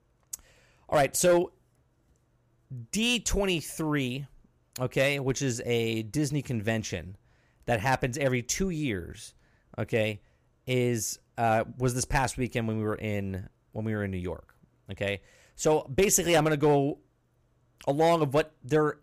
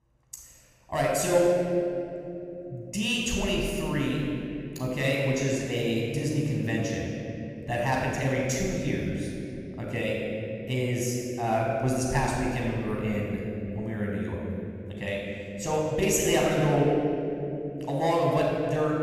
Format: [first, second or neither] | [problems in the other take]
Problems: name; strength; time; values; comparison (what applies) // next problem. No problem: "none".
first | off-mic speech; far // room echo; strong; dies away in 2.9 s